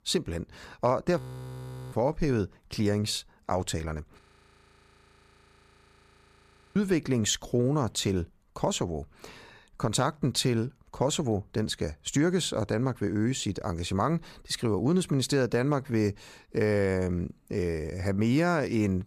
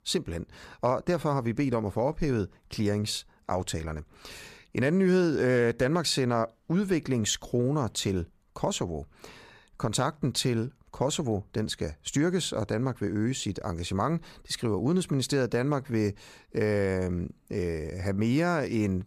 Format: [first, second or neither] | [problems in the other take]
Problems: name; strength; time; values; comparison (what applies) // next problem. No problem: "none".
second | audio freezing; at 1 s for 0.5 s and at 4 s for 2.5 s